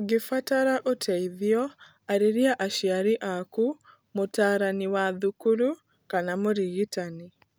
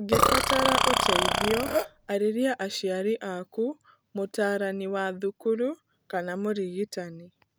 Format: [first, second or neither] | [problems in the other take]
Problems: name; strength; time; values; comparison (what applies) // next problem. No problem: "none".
first | background sound (Burping, eructation); 5 dB above the speech